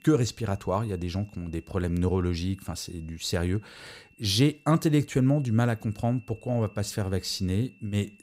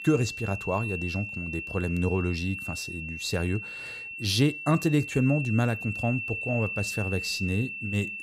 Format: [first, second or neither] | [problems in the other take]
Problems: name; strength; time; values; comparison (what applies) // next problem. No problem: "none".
first | high-pitched whine; loud; throughout; 2.5 kHz, 5 dB below the speech; faint in the first